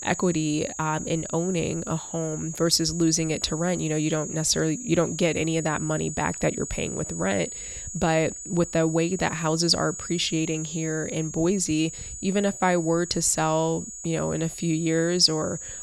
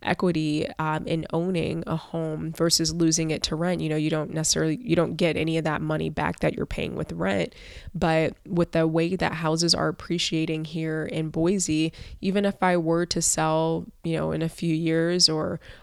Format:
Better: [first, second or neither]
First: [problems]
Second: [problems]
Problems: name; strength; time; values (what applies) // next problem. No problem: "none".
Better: second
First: high-pitched whine; loud; throughout; 7 kHz, 9 dB below the speech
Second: none